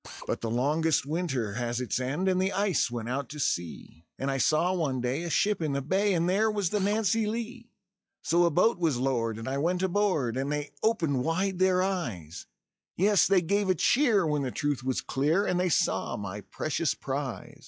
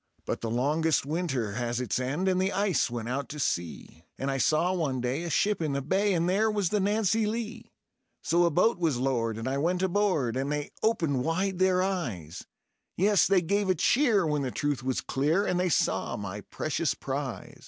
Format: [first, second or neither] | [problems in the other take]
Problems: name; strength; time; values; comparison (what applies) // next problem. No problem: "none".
second | noise reduction (classical method log-MMSE)